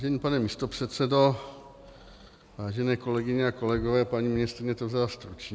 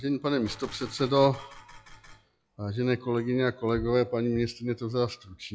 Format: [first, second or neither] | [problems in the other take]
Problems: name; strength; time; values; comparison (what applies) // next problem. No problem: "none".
first | noise reduction (classical method log-MMSE)